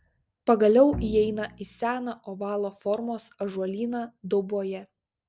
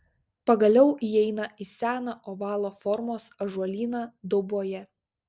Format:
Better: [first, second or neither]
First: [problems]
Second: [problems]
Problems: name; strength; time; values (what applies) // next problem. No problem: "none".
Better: second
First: background sound (Bowed string instrument); 12 dB below the speech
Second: none